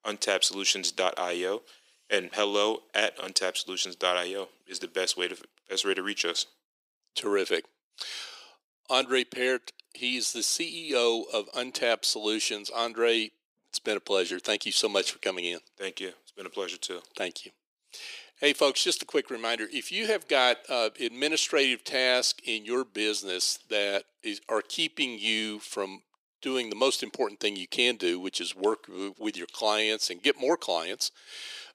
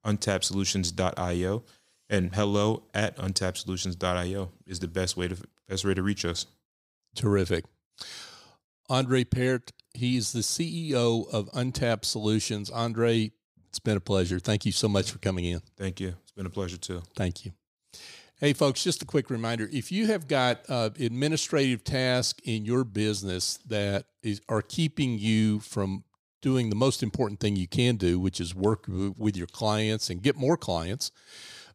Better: second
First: thin; very; fading below 350 Hz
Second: none

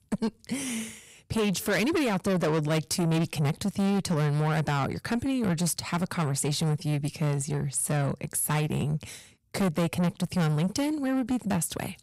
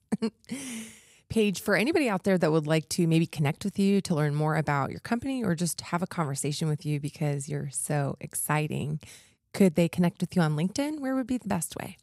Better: second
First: distortion; heavy; 7 dB below the speech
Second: none

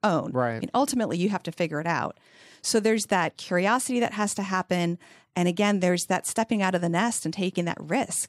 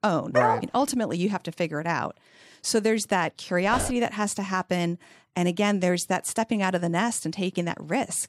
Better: first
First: none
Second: dog barking; loud; at 0.5 s; peak 2 dB above the speech // dog barking; noticeable; at 3.5 s; peak 7 dB below the speech

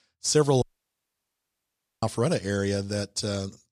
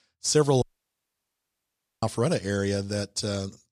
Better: neither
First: audio cutting out; at 0.5 s for 1.5 s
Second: audio cutting out; at 0.5 s for 1.5 s

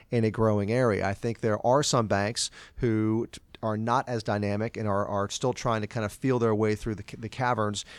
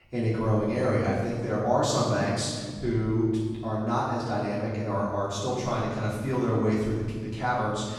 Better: first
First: none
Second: room echo; strong; dies away in 1.7 s // off-mic speech; far

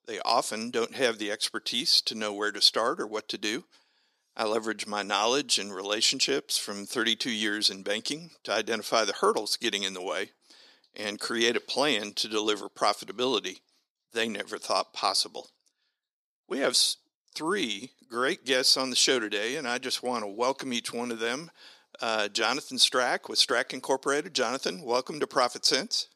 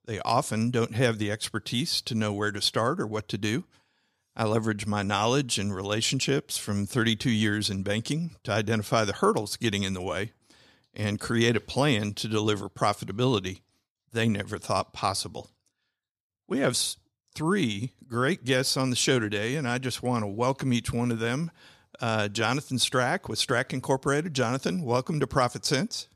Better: second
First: thin; somewhat; fading below 300 Hz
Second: none

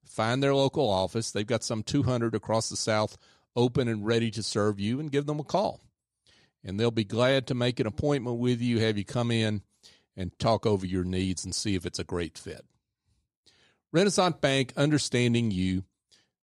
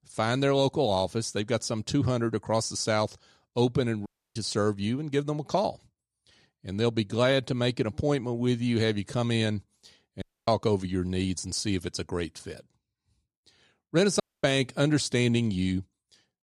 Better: first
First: none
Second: audio cutting out; at 4 s, at 10 s and at 14 s

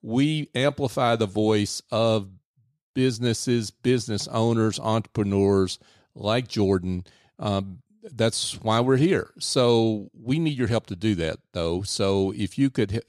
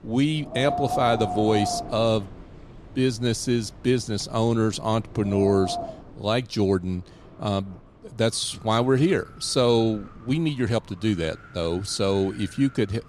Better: first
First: none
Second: wind in the background; noticeable; throughout; 10 dB below the speech

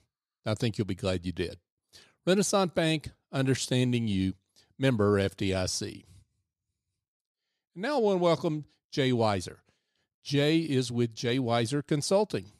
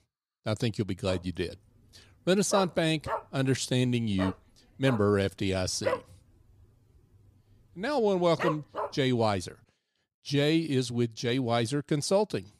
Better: first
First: none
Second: dog barking; noticeable; from 1 to 9 s; peak 4 dB below the speech

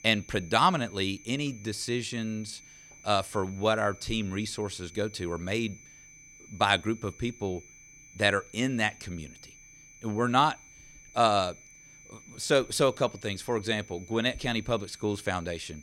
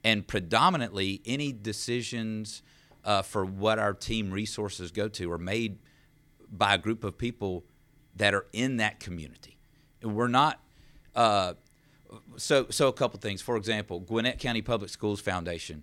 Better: second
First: high-pitched whine; faint; throughout; 6 kHz, 20 dB below the speech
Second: none

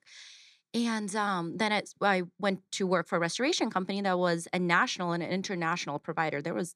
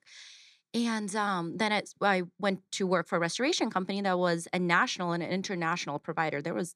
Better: neither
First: none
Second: none

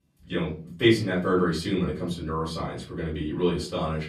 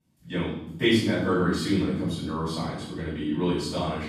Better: first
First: room echo; slight; dies away in 0.4 s // off-mic speech; far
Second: room echo; strong; dies away in 0.9 s // off-mic speech; far

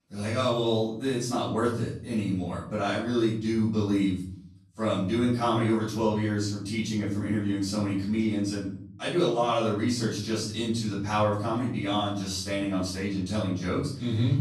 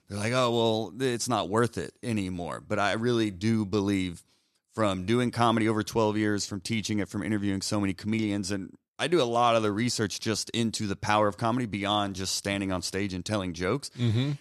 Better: second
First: off-mic speech; far // room echo; noticeable; dies away in 0.7 s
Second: none

